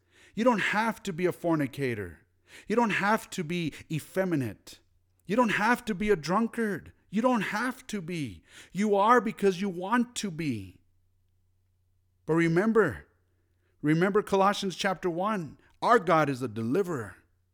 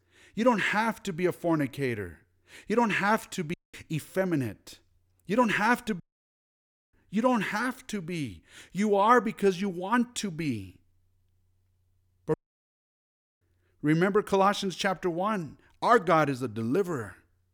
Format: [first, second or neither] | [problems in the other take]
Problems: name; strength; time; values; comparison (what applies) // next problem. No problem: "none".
first | audio cutting out; at 3.5 s, at 6 s for 1 s and at 12 s for 1 s